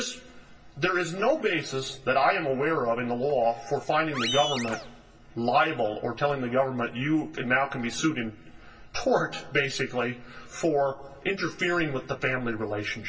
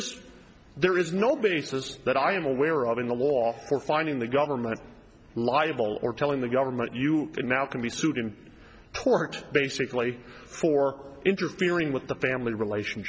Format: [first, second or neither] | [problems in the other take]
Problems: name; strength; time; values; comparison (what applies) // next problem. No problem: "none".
second | background sound (Animal); 8 dB below the speech // room echo; dies away in 0.2 s